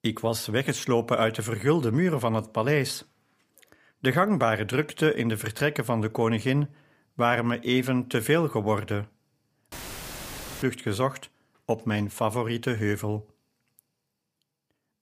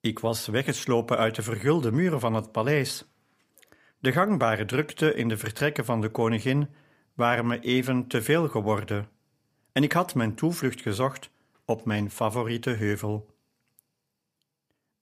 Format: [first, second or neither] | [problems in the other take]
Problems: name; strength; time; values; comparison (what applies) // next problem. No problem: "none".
second | audio cutting out; filled with static; at 9.5 s for 1 s